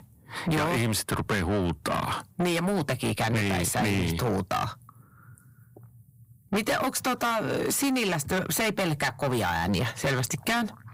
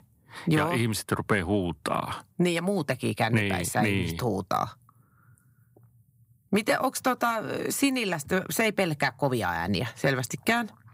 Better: second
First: distortion; heavy; 6 dB below the speech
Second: none

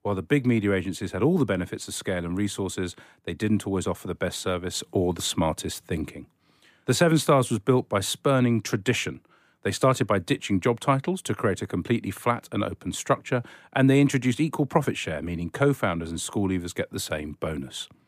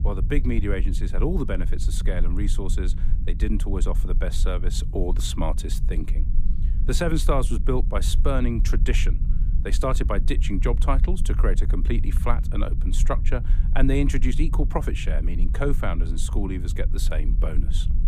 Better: first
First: none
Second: low rumble; noticeable; throughout; 15 dB below the speech

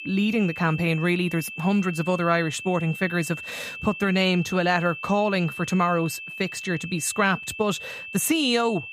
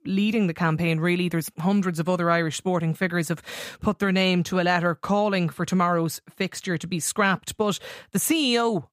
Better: second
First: high-pitched whine; noticeable; throughout; 2.5 kHz, 10 dB below the speech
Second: none

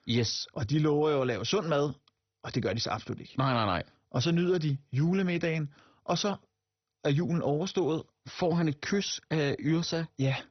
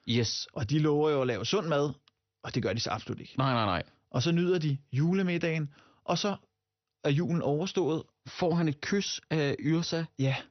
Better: second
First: garbled, watery; badly; nothing above 6 kHz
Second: garbled, watery; slightly; nothing above 6 kHz

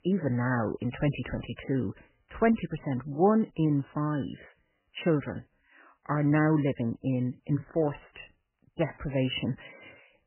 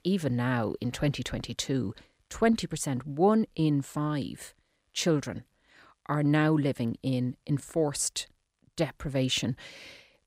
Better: second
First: garbled, watery; badly; nothing above 3 kHz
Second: none

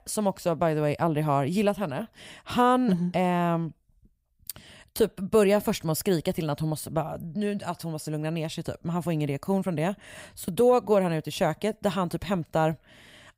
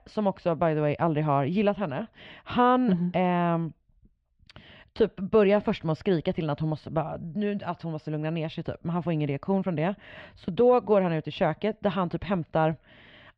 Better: first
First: none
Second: muffled; slightly; fading above 3.5 kHz

